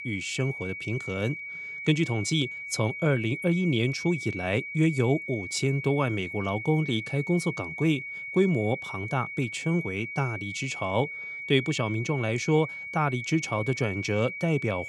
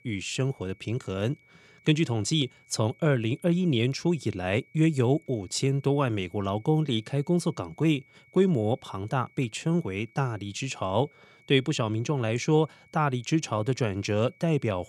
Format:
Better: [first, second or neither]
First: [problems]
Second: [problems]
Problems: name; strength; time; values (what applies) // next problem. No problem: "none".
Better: second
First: high-pitched whine; loud; throughout; 2 kHz, 7 dB below the speech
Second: high-pitched whine; faint; throughout; 2 kHz, 30 dB below the speech